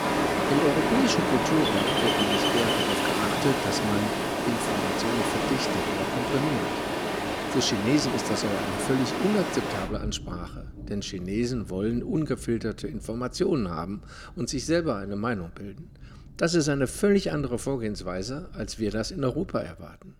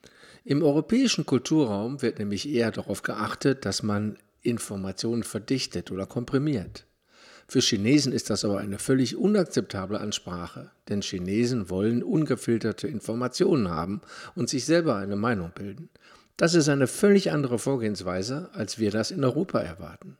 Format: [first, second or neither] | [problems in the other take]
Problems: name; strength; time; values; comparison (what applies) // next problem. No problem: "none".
second | rain or running water; very loud; throughout; 2 dB above the speech